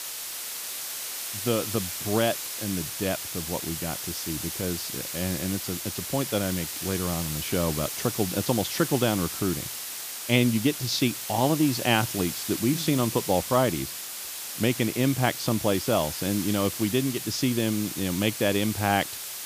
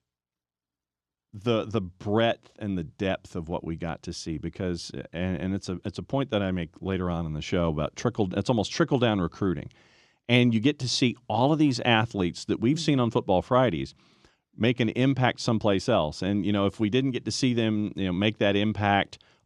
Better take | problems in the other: second | hiss; loud; throughout; 5 dB below the speech

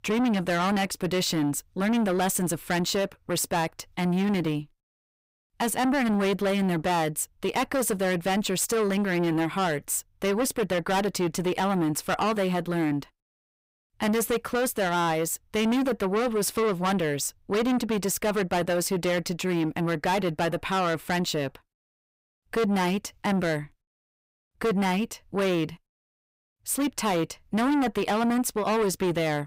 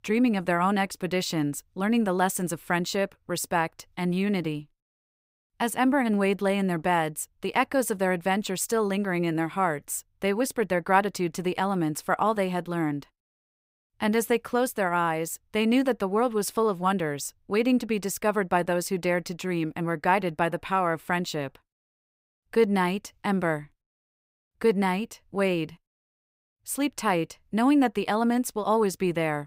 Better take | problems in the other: second | distortion; heavy; 7 dB below the speech

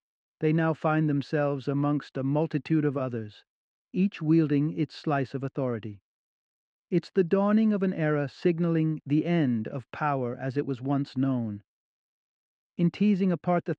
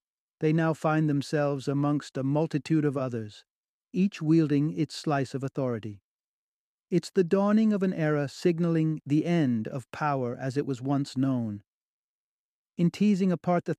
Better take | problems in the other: second | muffled; very slightly; fading above 3 kHz

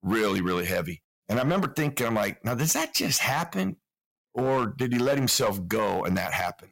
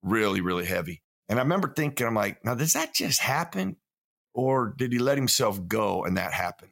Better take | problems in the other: second | distortion; slight; 7% of the sound clipped

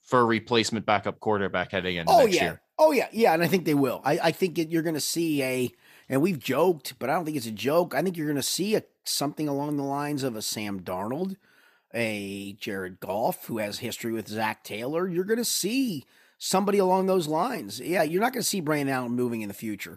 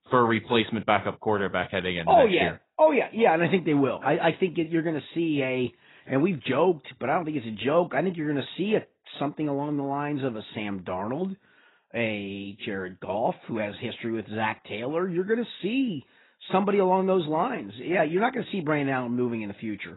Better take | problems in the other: first | garbled, watery; badly; nothing above 4 kHz

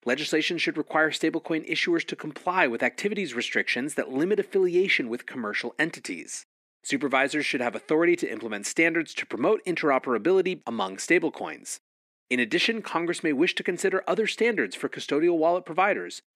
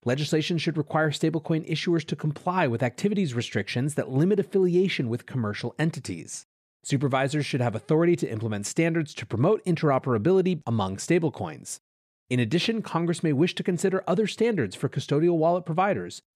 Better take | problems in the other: second | thin; somewhat; fading below 250 Hz

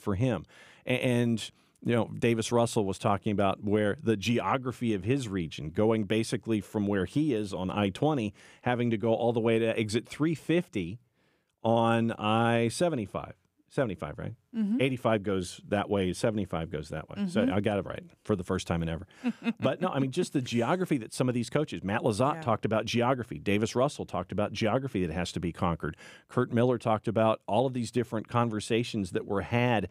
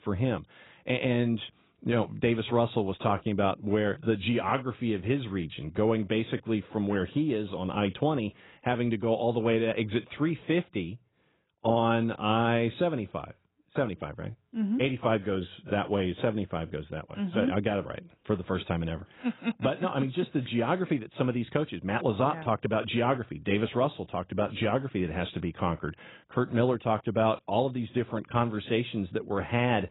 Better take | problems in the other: first | garbled, watery; badly; nothing above 4 kHz

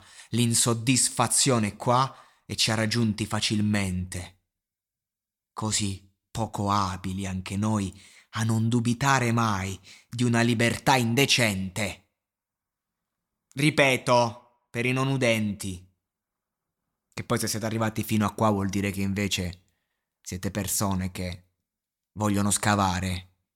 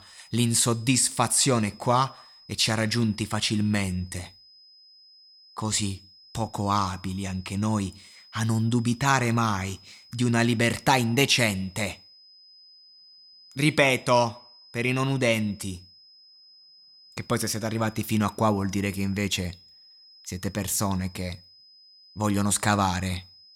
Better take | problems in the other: first | high-pitched whine; faint; throughout; 5 kHz, 25 dB below the speech

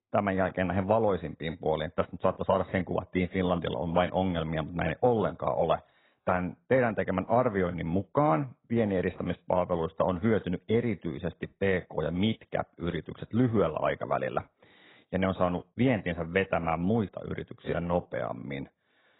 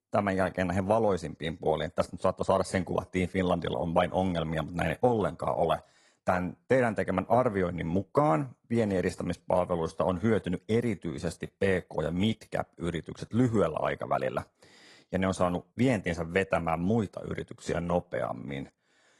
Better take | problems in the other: second | garbled, watery; badly; nothing above 4 kHz; slightly in the second

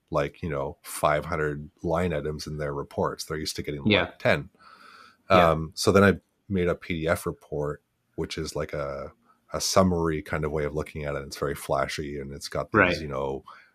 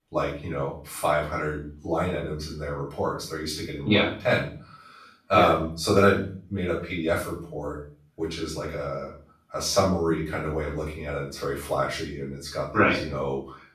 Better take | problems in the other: first | room echo; noticeable; dies away in 0.4 s // off-mic speech; far

